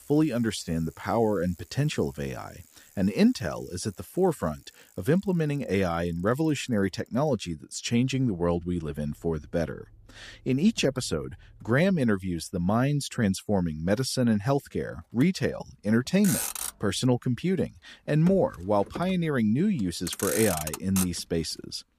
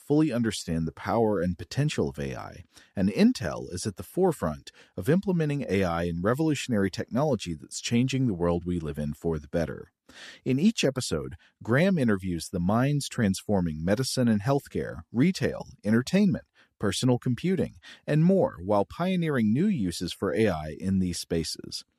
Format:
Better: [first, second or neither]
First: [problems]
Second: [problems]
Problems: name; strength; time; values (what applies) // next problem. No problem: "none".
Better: second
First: traffic noise; loud; throughout; 6 dB below the speech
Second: none